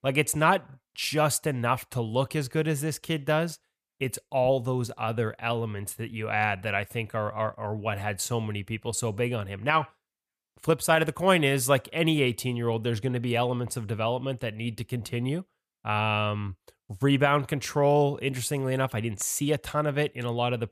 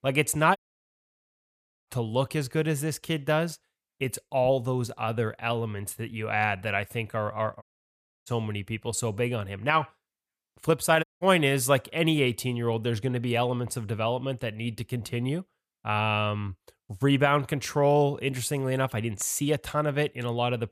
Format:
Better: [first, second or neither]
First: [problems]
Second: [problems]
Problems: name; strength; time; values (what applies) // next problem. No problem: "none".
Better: first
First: none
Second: audio cutting out; at 0.5 s for 1.5 s, at 7.5 s for 0.5 s and at 11 s